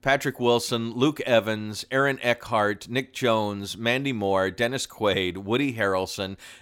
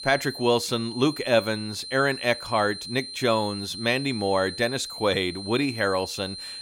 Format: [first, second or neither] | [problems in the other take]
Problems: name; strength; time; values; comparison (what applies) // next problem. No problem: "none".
first | high-pitched whine; loud; throughout; 4 kHz, 10 dB below the speech